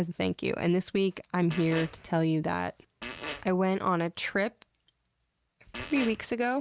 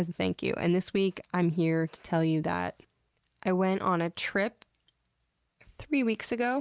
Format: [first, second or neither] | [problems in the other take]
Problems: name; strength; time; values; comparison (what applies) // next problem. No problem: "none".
second | background sound (Fart); 10 dB below the speech